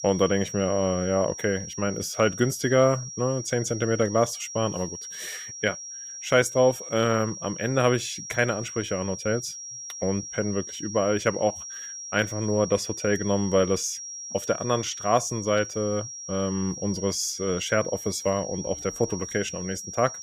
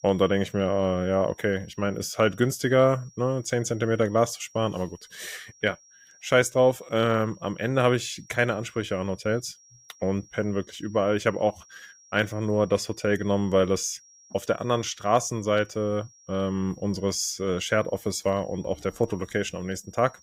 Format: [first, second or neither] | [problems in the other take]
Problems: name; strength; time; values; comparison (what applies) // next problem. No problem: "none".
second | high-pitched whine; loud; throughout; 5.5 kHz, 9 dB below the speech; faint in the second